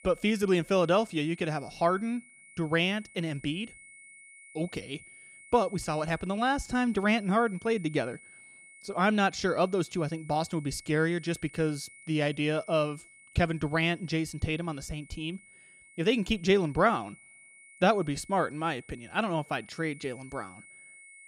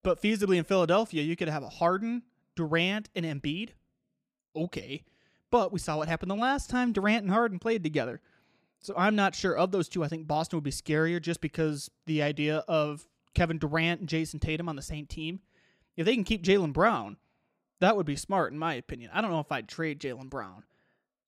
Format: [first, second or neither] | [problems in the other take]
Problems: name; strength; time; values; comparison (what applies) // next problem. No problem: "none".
second | high-pitched whine; faint; throughout; 2 kHz, 20 dB below the speech